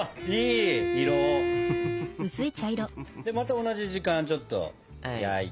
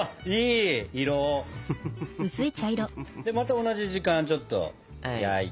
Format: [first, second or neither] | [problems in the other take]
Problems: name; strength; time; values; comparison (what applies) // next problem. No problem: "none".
second | background sound (Bowed string instrument); 1 dB above the speech